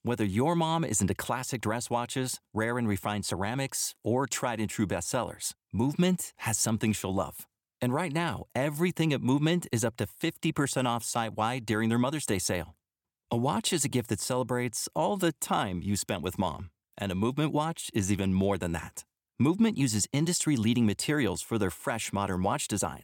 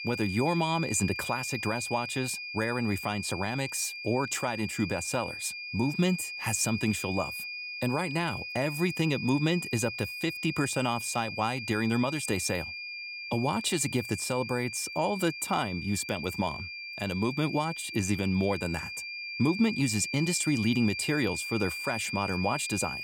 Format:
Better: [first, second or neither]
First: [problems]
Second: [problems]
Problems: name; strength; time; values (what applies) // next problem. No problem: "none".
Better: first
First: none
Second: high-pitched whine; loud; throughout; 2.5 kHz, 6 dB below the speech